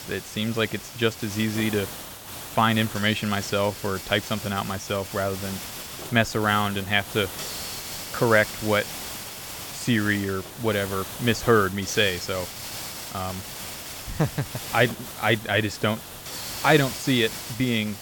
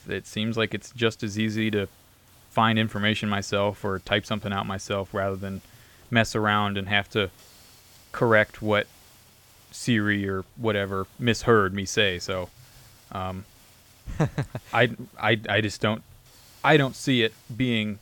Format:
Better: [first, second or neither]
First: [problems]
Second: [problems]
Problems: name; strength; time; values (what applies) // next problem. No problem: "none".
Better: second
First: hiss; loud; throughout; 10 dB below the speech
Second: hiss; faint; throughout; 30 dB below the speech